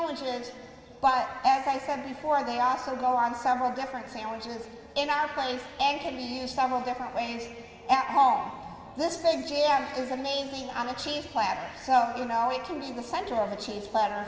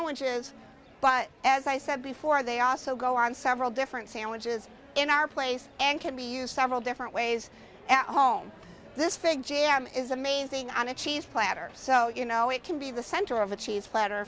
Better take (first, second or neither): second